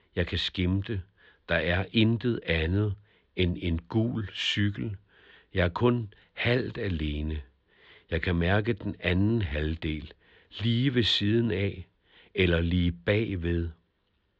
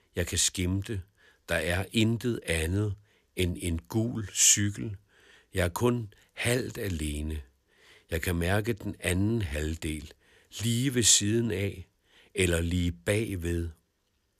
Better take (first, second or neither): second